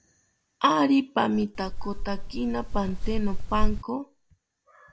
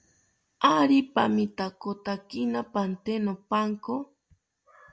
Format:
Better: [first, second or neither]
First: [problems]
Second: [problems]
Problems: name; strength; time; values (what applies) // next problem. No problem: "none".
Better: second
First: background sound (Wind); 1 dB above the speech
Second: none